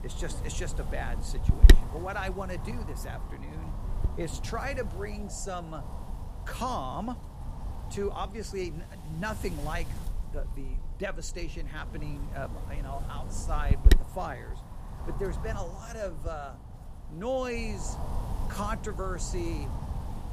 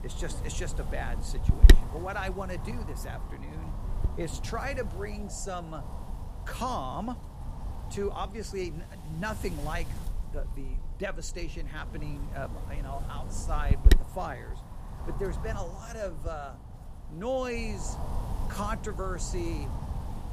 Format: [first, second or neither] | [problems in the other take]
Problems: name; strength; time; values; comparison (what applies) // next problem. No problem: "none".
neither | wind noise on the microphone; heavy; 6 dB below the speech; the same in both